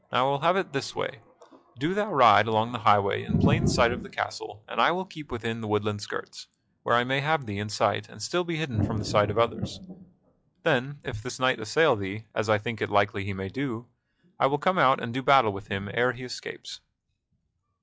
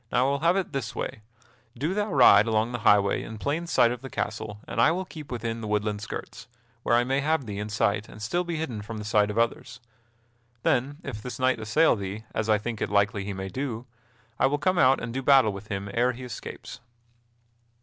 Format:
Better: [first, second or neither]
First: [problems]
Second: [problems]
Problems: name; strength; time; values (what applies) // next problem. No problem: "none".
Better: second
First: noise reduction (classical method log-MMSE)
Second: none